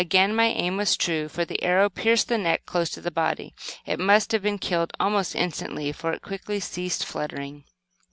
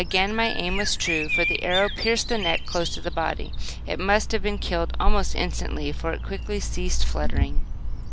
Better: first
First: none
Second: background sound (Bird vocalization, bird call, bird song); 3 dB above the speech

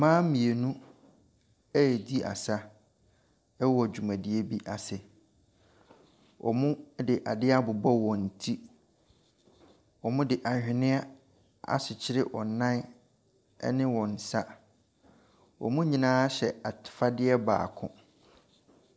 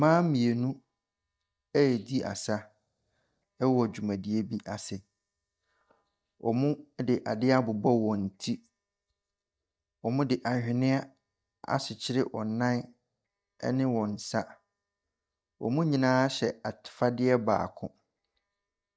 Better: first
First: none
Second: noise reduction (neural mask model DeepFilterNet 3)

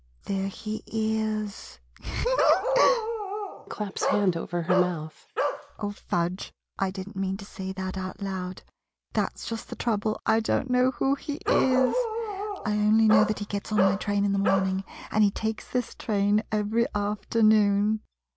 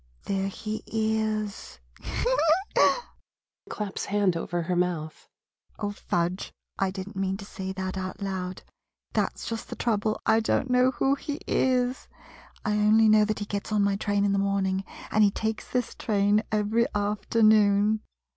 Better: second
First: background sound (Bark); 3 dB below the speech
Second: none

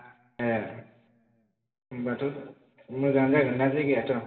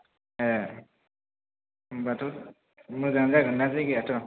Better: second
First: room echo; dies away in 0.8 s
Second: none

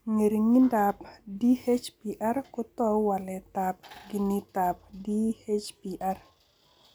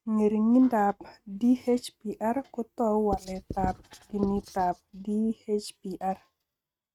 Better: first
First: none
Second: noise reduction (neural mask model RNNoise)

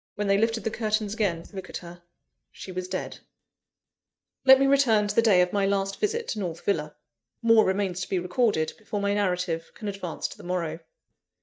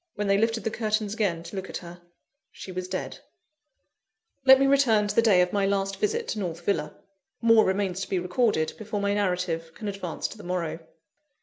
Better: second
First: noise reduction (neural mask model DeepFilterNet 3)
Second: none

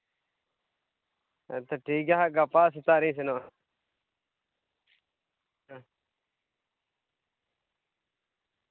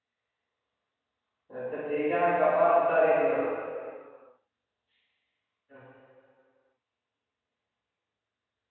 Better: first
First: none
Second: room echo; dies away in 1.9 s

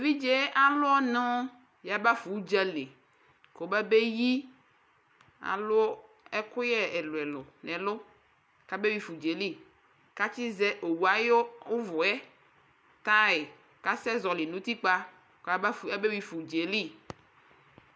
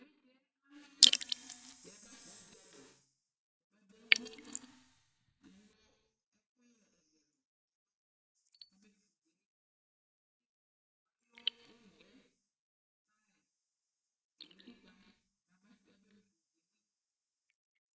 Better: first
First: none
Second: noise reduction (neural mask model DeepFilterNet 3)

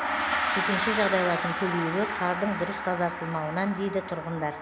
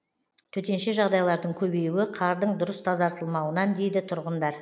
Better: second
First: background sound (Gong); 1 dB below the speech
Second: none

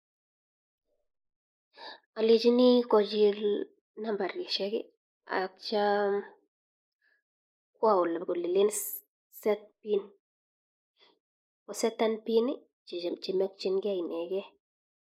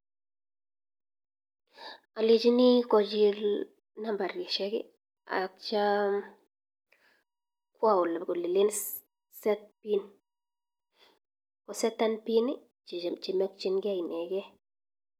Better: second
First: noise reduction (neural mask model Resemble Enhance denoiser)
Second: none

